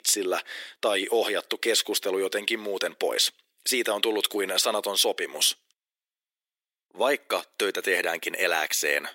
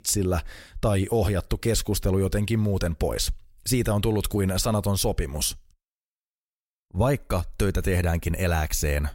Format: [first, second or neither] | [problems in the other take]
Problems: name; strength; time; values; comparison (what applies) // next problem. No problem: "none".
second | thin; very; fading below 300 Hz